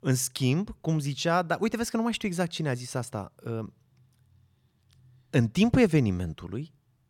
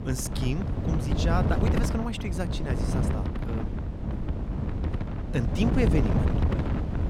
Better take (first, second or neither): first